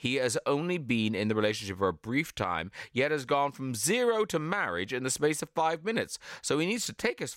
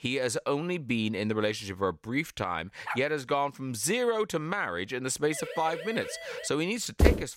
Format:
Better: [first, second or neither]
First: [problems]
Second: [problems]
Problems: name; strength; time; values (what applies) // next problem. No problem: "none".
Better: first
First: none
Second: dog barking; noticeable; at 3 s; peak 7 dB below the speech // siren; noticeable; from 5.5 to 6.5 s; peak 9 dB below the speech // footsteps; very faint; at 7 s; peak 5 dB above the speech